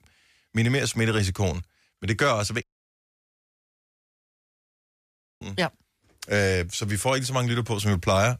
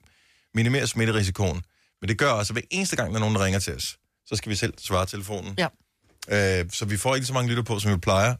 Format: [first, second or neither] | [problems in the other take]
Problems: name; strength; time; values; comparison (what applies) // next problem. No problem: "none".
second | audio cutting out; at 2.5 s for 3 s